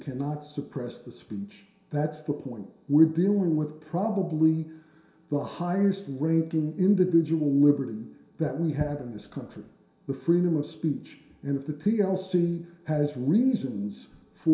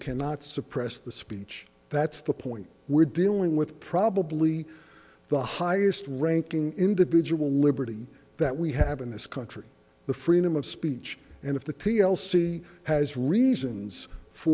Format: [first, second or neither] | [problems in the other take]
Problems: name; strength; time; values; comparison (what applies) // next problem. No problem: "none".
second | room echo; dies away in 0.7 s